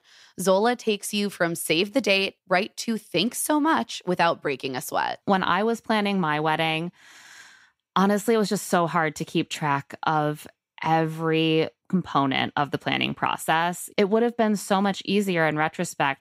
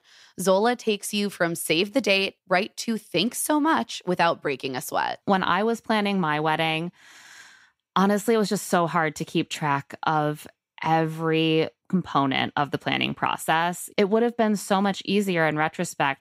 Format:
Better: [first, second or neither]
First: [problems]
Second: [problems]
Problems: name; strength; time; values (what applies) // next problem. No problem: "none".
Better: neither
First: none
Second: none